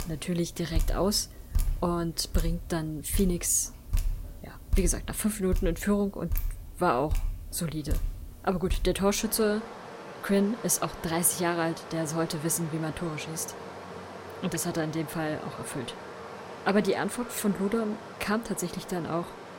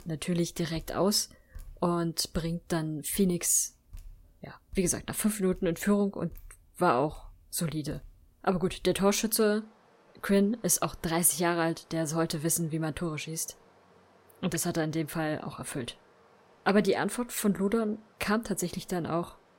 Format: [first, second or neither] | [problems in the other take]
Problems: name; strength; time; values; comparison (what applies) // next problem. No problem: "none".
second | rain or running water; loud; throughout; 9 dB below the speech; faint in the second